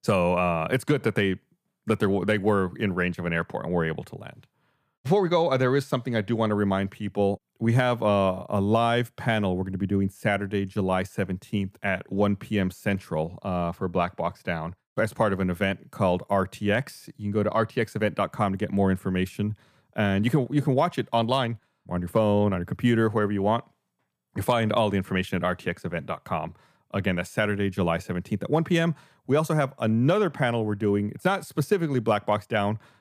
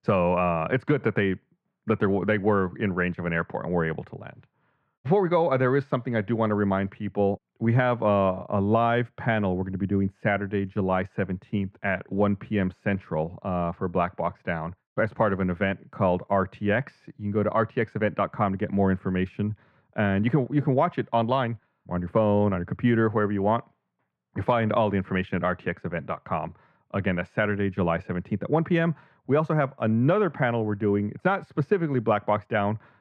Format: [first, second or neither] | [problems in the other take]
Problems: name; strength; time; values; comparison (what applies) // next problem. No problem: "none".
first | muffled; very; fading above 2 kHz